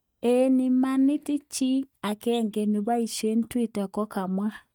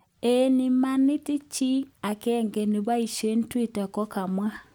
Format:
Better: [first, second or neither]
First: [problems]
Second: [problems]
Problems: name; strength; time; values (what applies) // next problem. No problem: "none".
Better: second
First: noise reduction (neural mask model DeepFilterNet 3)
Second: none